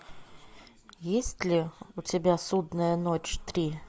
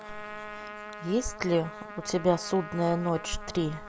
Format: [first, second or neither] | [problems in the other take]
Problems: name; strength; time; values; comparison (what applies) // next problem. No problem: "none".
first | background sound (Trumpet); 12 dB below the speech